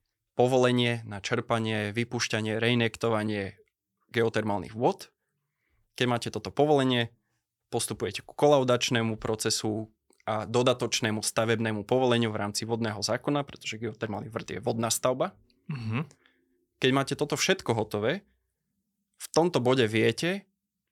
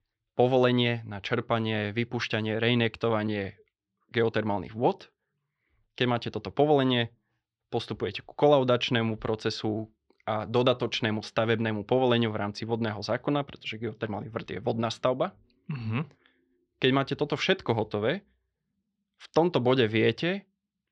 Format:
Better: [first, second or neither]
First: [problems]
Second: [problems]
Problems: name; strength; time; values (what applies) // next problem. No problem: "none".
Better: first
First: none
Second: muffled; slightly; fading above 4 kHz